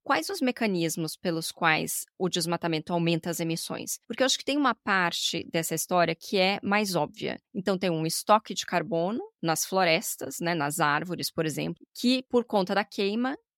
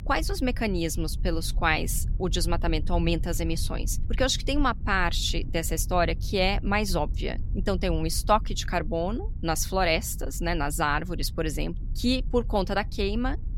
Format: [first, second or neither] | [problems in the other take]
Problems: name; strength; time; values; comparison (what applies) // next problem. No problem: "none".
first | low rumble; faint; throughout; 25 dB below the speech